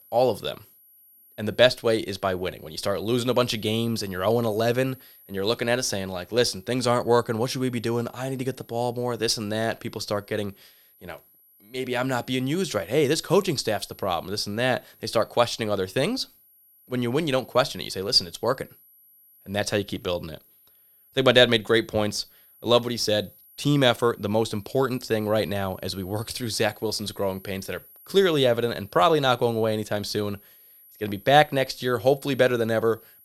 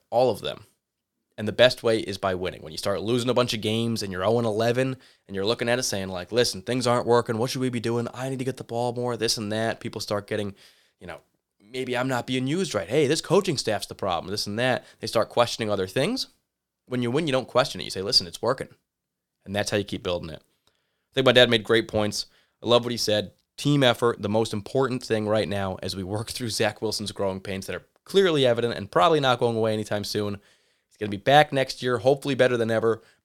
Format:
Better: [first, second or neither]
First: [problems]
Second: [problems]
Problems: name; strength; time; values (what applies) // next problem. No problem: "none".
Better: second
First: high-pitched whine; faint; throughout; 12 kHz, 25 dB below the speech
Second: none